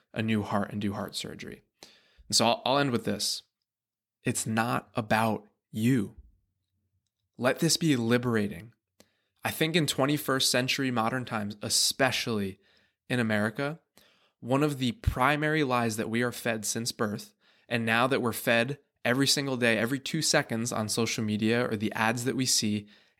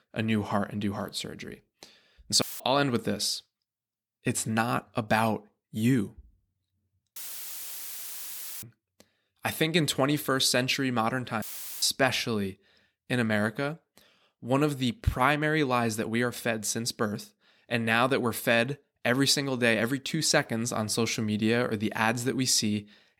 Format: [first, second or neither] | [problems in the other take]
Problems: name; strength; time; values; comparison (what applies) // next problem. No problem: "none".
first | audio cutting out; filled with static; at 2.5 s, at 7 s for 1.5 s and at 11 s